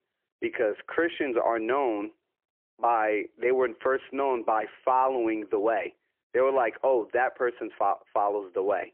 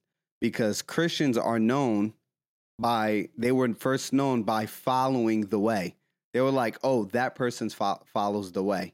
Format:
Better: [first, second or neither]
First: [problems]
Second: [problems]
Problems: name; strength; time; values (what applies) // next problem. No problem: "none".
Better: second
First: phone-call audio; poor line; nothing above 3.5 kHz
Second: none